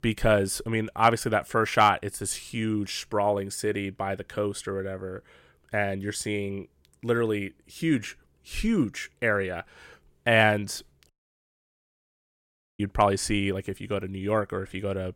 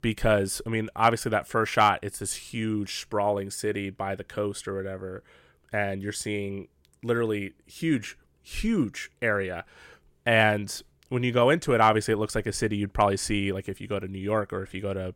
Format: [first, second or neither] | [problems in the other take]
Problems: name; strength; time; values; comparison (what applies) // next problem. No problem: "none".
second | audio cutting out; at 11 s for 1.5 s